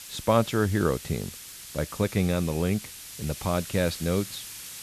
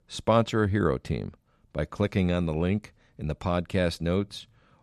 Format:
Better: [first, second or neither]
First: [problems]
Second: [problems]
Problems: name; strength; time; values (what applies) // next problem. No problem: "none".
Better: second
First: hiss; noticeable; throughout; 10 dB below the speech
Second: none